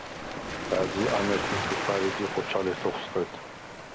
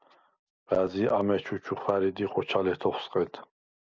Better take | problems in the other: second | background sound (Waves, surf); 3 dB below the speech

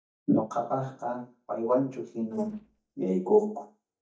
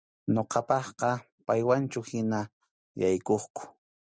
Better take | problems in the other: second | noise reduction (neural mask model DeepFilterNet 3)

